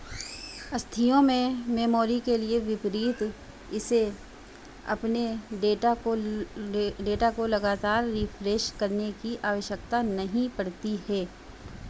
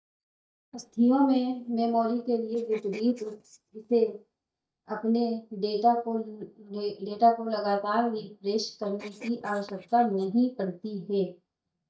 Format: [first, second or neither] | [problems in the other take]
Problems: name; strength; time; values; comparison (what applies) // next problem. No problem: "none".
first | noise reduction (neural mask model DeepFilterNet 3)